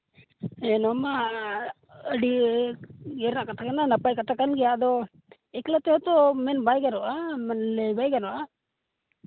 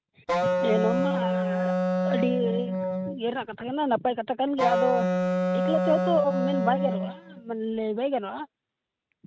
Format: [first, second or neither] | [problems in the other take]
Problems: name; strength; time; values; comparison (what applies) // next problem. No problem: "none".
first | noise reduction (neural mask model RNNoise)